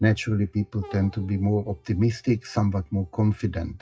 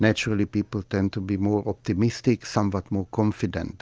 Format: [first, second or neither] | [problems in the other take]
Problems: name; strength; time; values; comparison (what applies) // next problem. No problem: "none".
second | noise reduction (classical method WPE with log-MMSE)